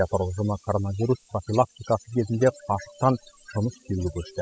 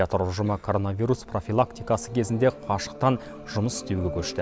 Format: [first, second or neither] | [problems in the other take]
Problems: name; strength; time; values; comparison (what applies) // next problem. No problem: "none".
second | noise reduction (classical method spectral subtraction)